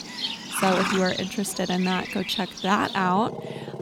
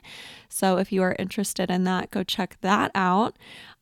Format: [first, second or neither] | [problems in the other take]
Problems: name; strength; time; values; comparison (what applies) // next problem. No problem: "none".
second | animal sounds; loud; throughout; 5 dB below the speech